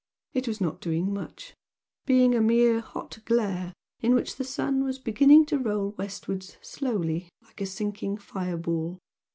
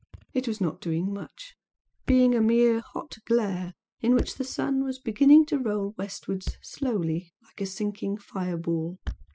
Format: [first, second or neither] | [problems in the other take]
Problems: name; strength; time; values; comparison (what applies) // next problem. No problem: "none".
first | noise reduction (classical method spectral subtraction)